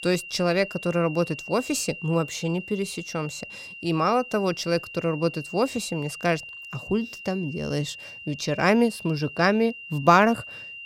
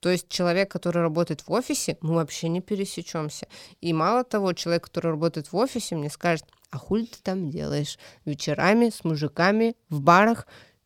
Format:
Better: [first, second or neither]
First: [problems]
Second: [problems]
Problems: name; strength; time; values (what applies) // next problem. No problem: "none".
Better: second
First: high-pitched whine; noticeable; throughout; 3 kHz, 15 dB below the speech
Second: none